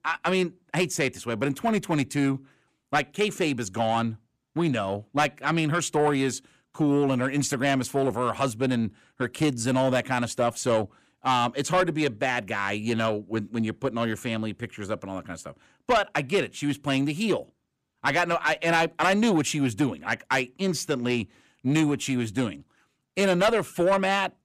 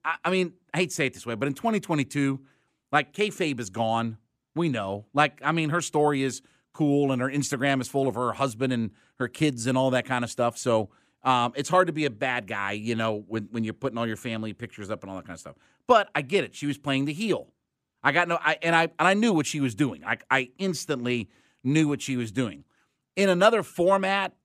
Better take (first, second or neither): second